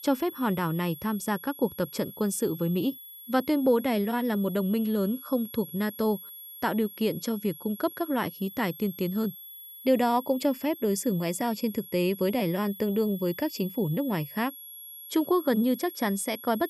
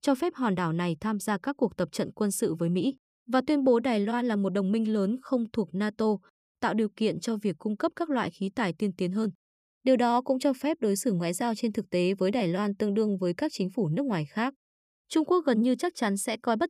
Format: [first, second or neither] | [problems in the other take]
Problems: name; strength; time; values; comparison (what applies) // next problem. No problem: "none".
second | high-pitched whine; noticeable; throughout; 11.5 kHz, 15 dB below the speech